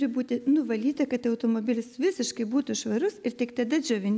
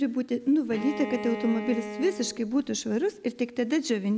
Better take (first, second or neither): first